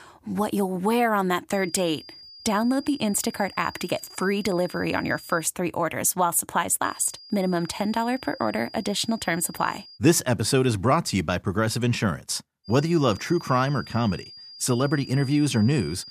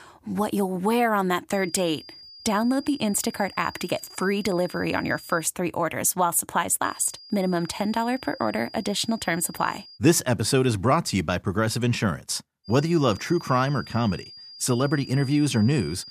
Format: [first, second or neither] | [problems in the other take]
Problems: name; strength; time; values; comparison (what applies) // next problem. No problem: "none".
neither | high-pitched whine; noticeable; from 1.5 to 5.5 s, from 7 to 10 s and from 13 s on; 5 kHz, 20 dB below the speech; the same in both